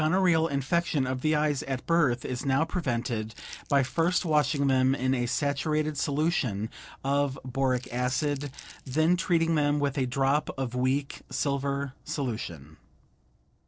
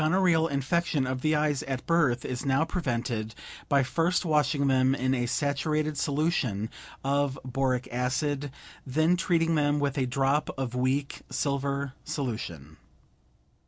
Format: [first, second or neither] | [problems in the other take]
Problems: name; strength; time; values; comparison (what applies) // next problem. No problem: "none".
second | noise reduction (neural separator model SepFormer DNS4)